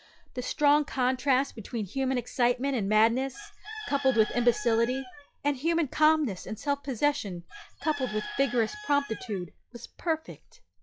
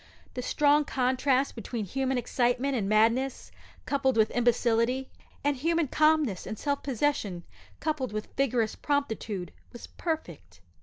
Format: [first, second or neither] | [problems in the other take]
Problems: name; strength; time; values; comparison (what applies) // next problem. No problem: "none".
second | noise reduction (classical method log-MMSE)